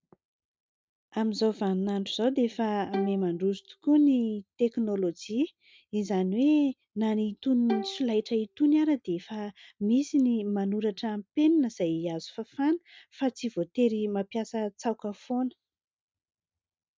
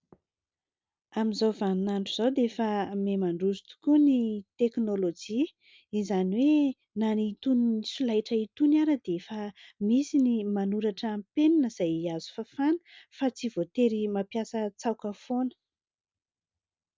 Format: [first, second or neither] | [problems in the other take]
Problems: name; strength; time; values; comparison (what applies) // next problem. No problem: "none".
second | noise reduction (neural mask model RNNoise)